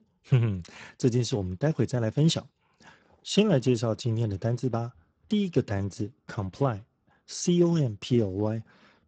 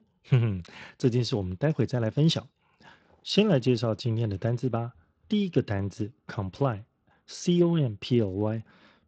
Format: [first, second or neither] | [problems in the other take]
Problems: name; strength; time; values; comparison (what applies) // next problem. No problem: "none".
second | garbled, watery; badly; nothing above 7.5 kHz; slightly in the second